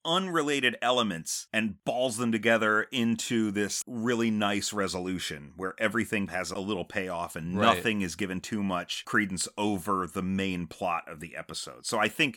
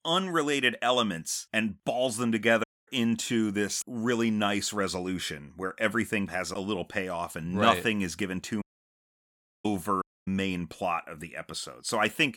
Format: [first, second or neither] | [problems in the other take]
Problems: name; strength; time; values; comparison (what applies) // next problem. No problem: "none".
first | audio cutting out; at 2.5 s, at 8.5 s for 1 s and at 10 s